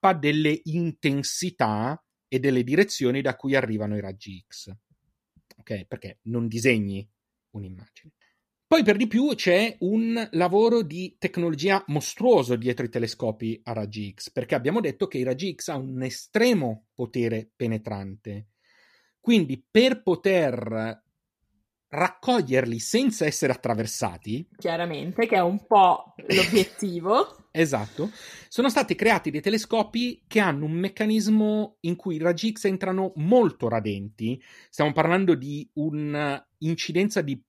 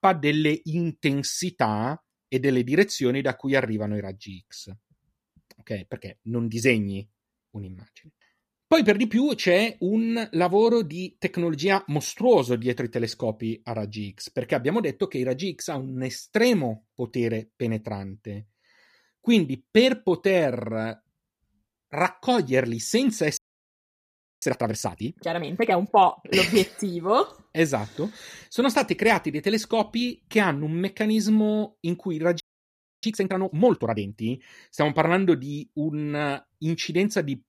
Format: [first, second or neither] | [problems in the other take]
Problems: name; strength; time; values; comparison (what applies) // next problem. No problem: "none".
first | audio freezing; at 23 s for 1 s and at 32 s for 0.5 s